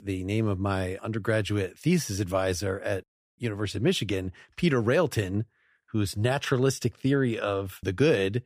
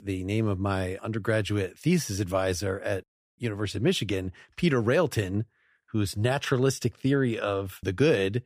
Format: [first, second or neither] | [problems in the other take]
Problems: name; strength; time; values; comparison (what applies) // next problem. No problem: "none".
neither | none